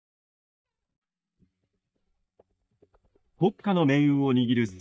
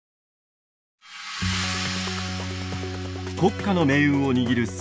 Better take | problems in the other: second | noise reduction (neural mask model DeepFilterNet 3)

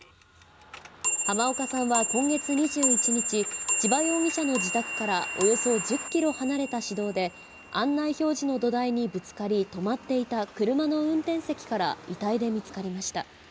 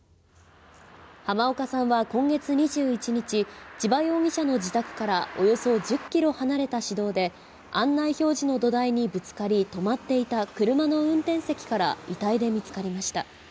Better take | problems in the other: second | background sound (Clock); 4 dB below the speech

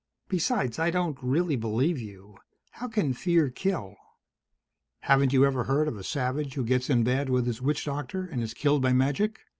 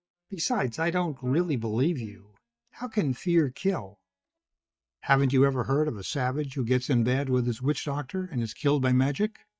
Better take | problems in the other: first | noise reduction (neural mask model DeepFilterNet 3)

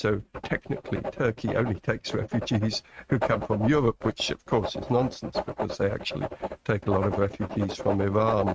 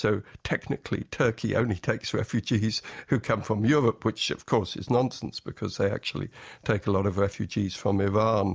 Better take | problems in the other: second | noise reduction (neural mask model RNNoise)

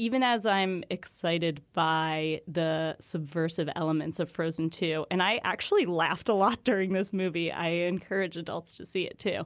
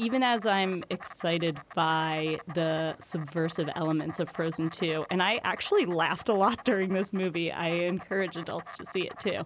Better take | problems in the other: first | background sound (Insect); 17 dB below the speech

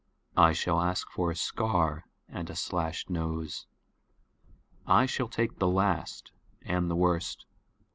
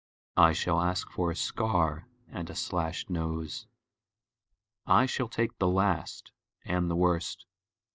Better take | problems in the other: first | noise reduction (neural mask model DeepFilterNet 3)

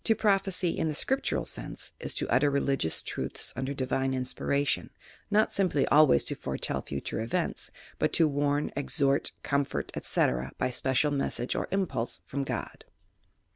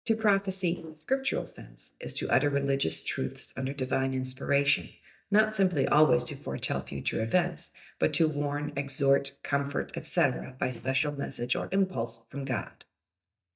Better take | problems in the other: first | noise reduction (neural mask model DeepFilterNet 3)

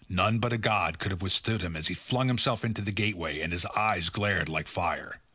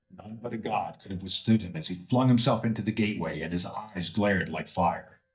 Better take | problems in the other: first | noise reduction (neural mask model DeepFilterNet 3)

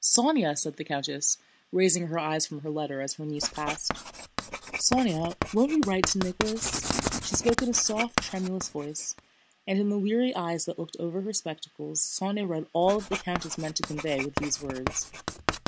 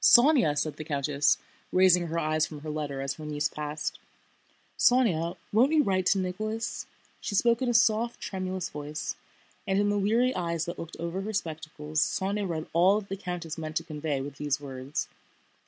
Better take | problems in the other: second | background sound (Writing); 7 dB below the speech

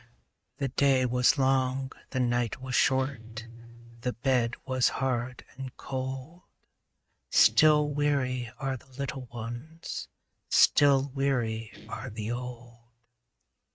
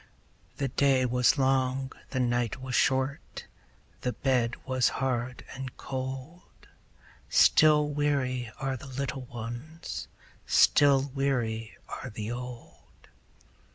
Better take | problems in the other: second | noise reduction (neural mask model RNNoise)

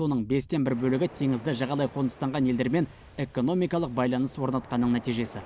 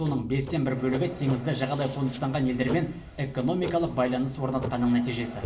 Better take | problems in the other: first | background sound (Writing); 14 dB below the speech // room echo; dies away in 0.4 s

